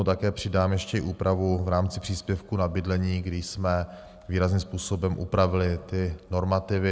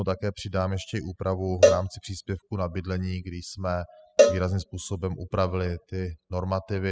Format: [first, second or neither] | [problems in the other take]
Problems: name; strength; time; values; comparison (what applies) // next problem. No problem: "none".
first | noise reduction (classical method spectral subtraction)